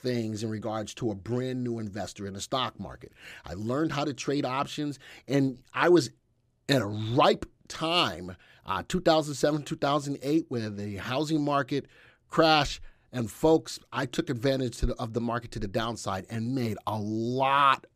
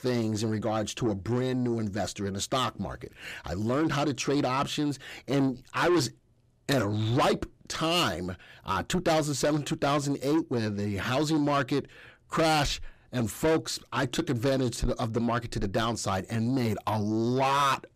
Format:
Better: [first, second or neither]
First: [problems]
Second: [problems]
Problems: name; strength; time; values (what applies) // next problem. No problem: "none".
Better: first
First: none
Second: distortion; heavy; 7 dB below the speech